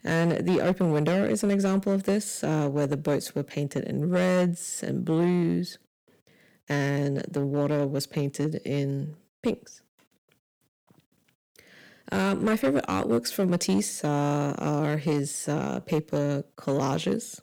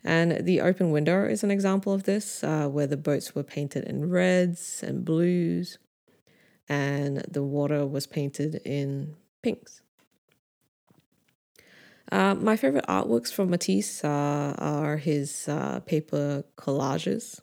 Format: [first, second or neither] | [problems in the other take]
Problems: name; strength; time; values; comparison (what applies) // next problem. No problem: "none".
second | distortion; slight; 5% of the sound clipped